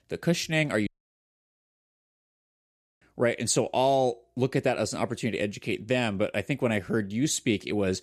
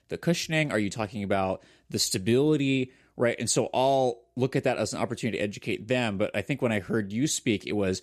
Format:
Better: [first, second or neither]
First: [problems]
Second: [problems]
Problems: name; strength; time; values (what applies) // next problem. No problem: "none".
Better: second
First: audio cutting out; at 1 s for 2 s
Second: none